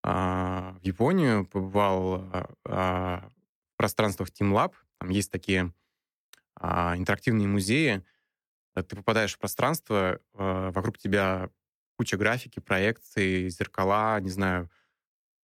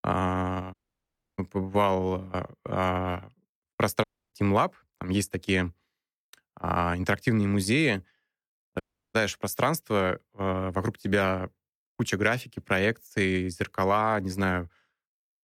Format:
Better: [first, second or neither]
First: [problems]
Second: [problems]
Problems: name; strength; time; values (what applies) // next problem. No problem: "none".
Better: first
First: none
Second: audio cutting out; at 0.5 s for 0.5 s, at 4 s and at 9 s